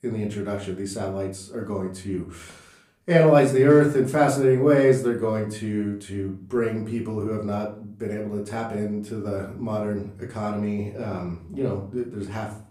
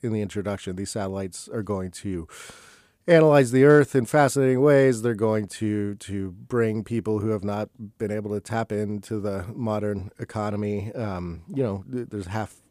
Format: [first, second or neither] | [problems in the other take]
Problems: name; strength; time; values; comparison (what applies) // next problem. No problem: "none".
second | room echo; slight; dies away in 0.4 s // off-mic speech; far